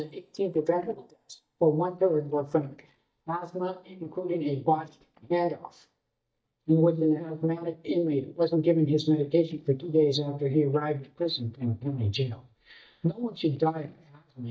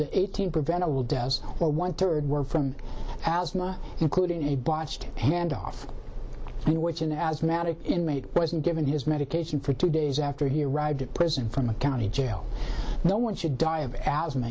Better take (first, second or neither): second